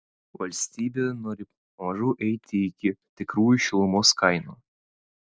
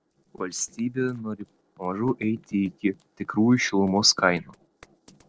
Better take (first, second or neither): first